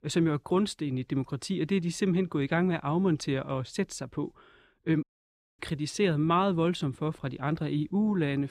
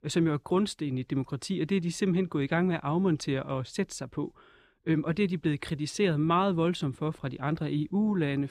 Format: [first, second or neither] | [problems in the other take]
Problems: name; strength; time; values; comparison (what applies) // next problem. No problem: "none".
second | audio cutting out; at 5 s for 0.5 s